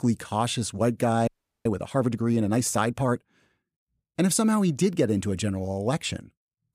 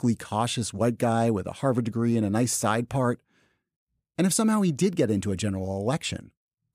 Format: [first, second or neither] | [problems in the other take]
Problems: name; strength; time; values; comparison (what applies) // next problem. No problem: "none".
second | audio freezing; at 1.5 s